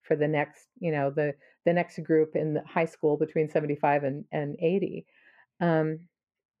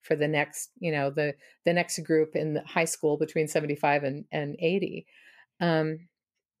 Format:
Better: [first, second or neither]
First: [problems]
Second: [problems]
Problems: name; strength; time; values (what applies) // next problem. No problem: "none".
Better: second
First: muffled; very; fading above 4 kHz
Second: none